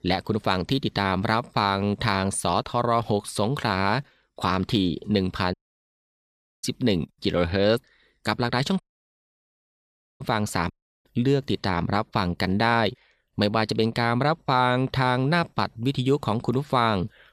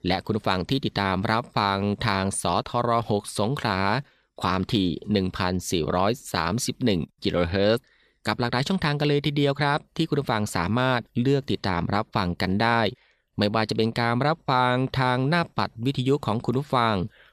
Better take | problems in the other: second | audio cutting out; at 5.5 s for 1 s, at 9 s for 1.5 s and at 11 s

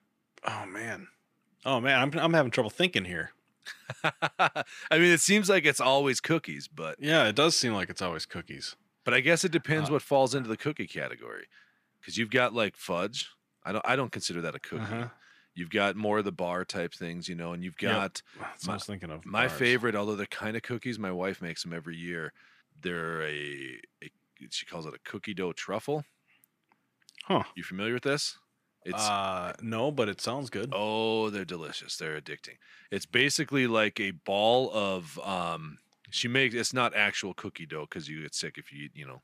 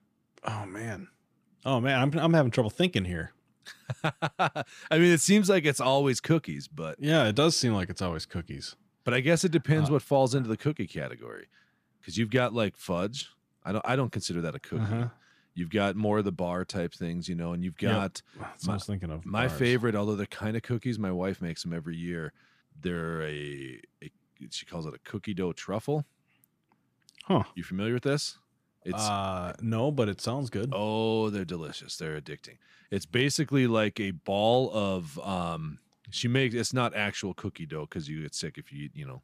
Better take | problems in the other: second | thin; very slightly; fading below 650 Hz

